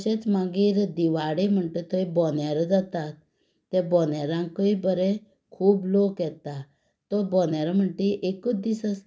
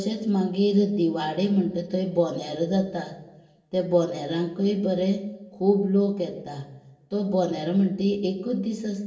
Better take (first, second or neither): first